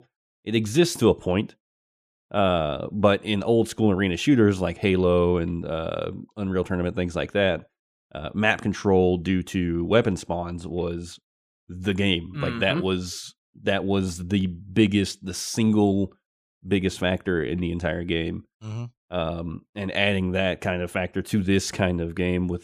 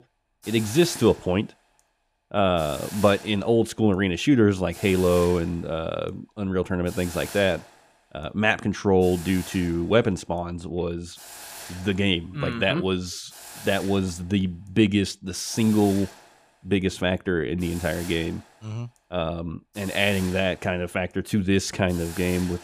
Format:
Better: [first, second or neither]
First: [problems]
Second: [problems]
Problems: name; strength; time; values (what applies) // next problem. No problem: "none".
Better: first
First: none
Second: hiss; noticeable; throughout; 15 dB below the speech